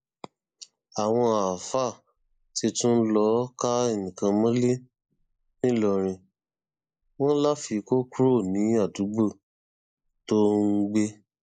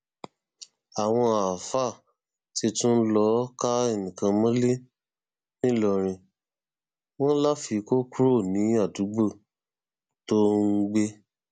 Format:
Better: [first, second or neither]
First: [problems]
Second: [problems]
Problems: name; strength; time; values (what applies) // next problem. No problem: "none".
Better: second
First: noise reduction (neural mask model Resemble Enhance denoiser)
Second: none